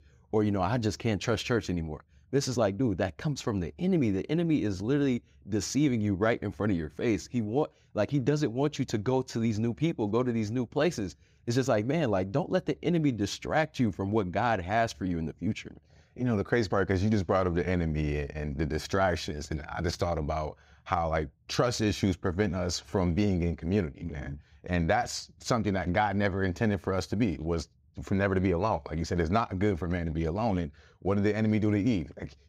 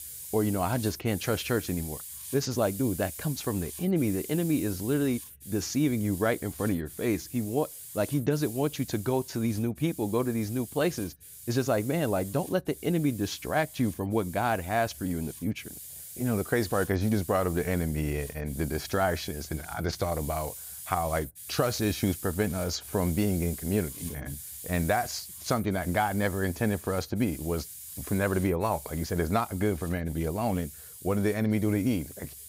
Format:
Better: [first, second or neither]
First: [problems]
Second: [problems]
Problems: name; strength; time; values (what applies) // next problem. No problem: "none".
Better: first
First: none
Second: hiss; noticeable; throughout; 10 dB below the speech